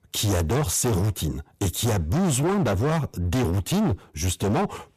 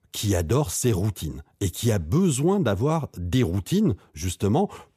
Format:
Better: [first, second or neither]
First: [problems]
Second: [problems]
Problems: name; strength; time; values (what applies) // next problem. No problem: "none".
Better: second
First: distortion; heavy; 26% of the sound clipped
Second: none